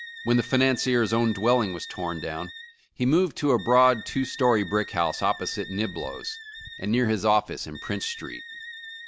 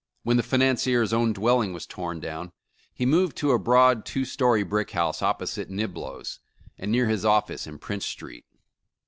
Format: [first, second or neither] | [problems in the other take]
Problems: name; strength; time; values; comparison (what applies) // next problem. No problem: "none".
second | background sound (Wind instrument, woodwind instrument); 16 dB below the speech